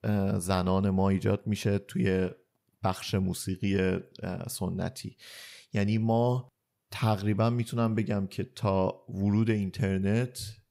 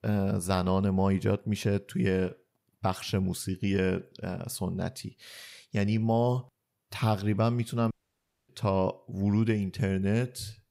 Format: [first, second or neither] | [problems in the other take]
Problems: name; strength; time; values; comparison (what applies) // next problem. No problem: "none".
first | audio cutting out; at 8 s for 0.5 s